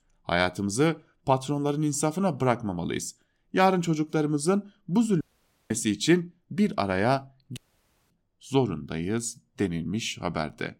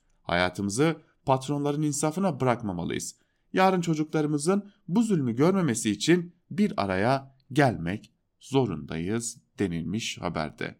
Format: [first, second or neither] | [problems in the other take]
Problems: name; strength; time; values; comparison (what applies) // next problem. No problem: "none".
second | audio cutting out; at 5 s and at 7.5 s for 0.5 s